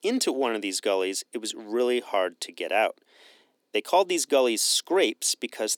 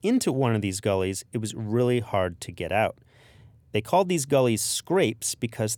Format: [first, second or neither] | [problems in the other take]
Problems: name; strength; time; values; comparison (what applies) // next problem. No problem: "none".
second | thin; somewhat; fading below 250 Hz